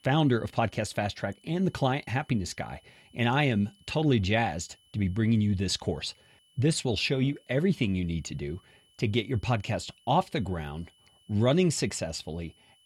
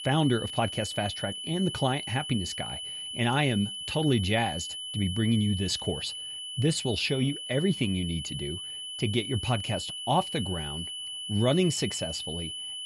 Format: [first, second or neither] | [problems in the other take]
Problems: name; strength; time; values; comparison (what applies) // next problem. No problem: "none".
first | high-pitched whine; loud; throughout; 3 kHz, 6 dB below the speech; faint in the first